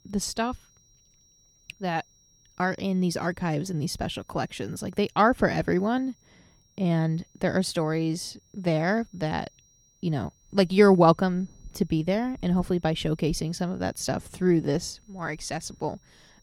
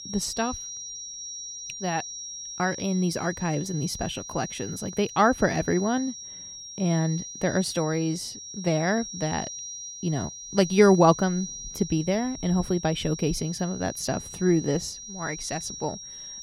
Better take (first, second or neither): first